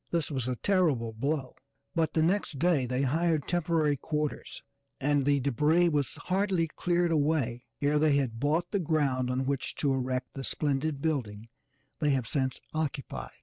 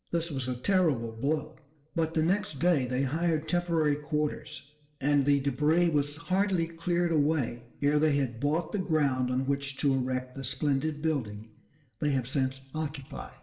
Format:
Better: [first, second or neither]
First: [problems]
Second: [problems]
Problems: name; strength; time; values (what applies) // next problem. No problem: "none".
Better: first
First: none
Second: room echo; dies away in 0.6 s